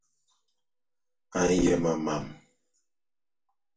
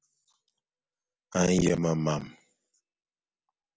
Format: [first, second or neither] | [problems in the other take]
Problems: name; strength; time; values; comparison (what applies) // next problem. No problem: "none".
second | room echo; dies away in 0.3 s